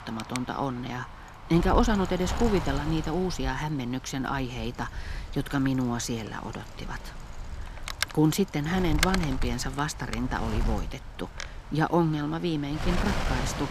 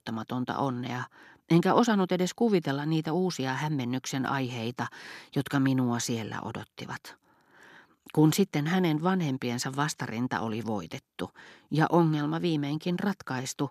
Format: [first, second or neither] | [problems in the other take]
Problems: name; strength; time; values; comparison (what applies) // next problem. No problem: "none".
second | wind noise on the microphone; heavy; 5 dB below the speech